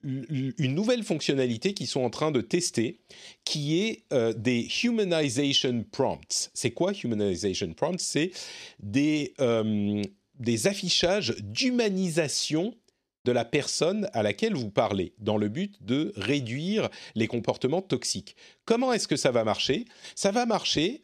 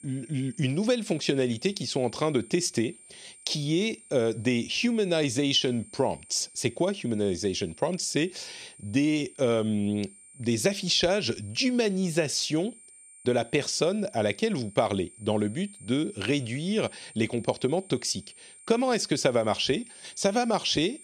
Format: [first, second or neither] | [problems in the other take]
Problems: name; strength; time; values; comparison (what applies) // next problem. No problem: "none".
first | high-pitched whine; faint; throughout; 8.5 kHz, 20 dB below the speech